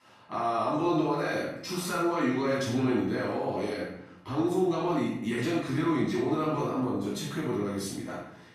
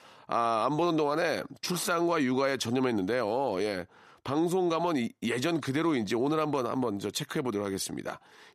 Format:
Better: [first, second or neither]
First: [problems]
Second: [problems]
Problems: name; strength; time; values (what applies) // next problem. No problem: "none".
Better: second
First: room echo; strong; dies away in 0.8 s // off-mic speech; far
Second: none